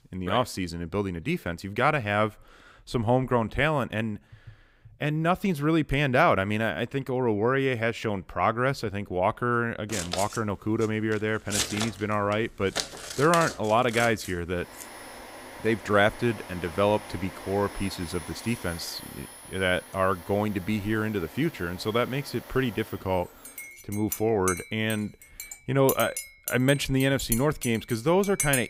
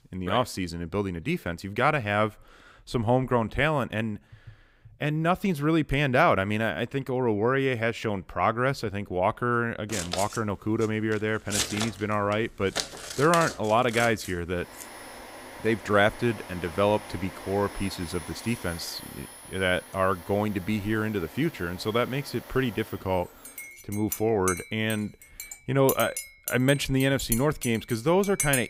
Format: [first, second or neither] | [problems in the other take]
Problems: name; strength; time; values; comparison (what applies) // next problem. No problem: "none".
neither | household noises; loud; from 10 s on; 10 dB below the speech; the same in both